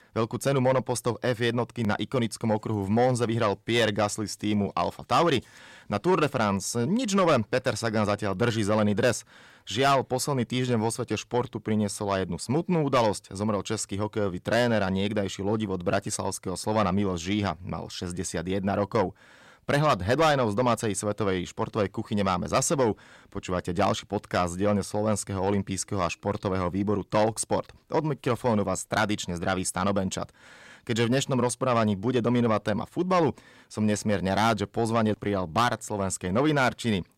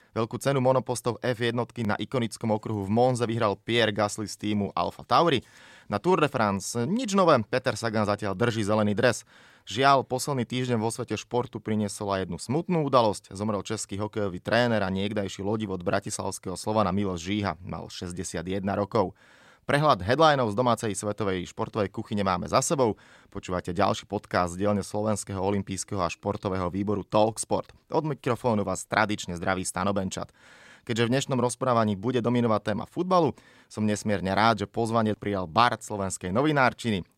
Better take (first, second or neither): second